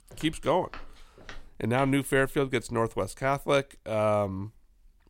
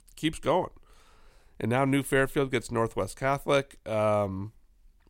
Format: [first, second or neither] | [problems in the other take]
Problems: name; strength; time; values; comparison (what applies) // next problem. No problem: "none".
second | footsteps; faint; until 2 s; peak 15 dB below the speech